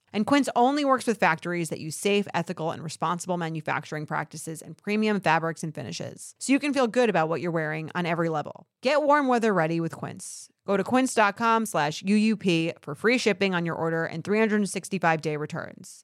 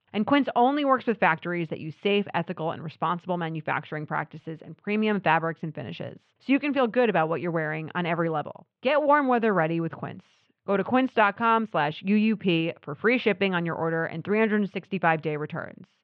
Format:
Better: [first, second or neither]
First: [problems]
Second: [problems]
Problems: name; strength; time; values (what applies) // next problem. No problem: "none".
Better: first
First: none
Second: muffled; very; fading above 3.5 kHz